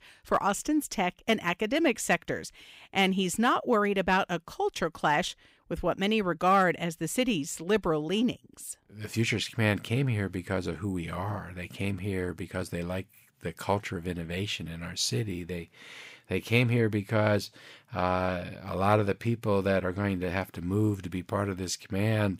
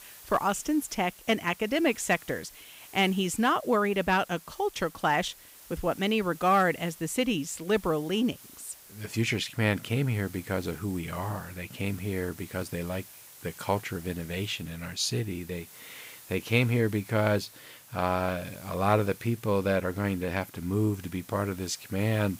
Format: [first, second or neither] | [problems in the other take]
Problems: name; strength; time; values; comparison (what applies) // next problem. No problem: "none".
first | hiss; noticeable; throughout; 20 dB below the speech